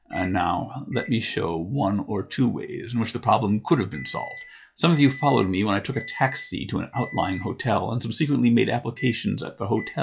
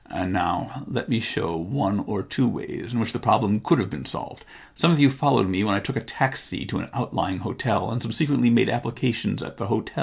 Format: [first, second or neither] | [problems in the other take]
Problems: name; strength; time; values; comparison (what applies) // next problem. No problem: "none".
second | noise reduction (classical method log-MMSE)